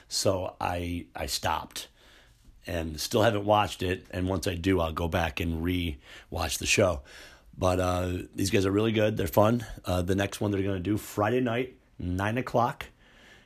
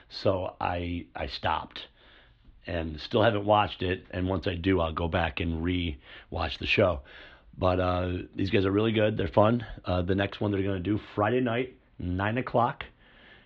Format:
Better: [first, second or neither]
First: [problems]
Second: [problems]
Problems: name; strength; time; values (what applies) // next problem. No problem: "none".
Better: first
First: none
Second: muffled; slightly; fading above 3.5 kHz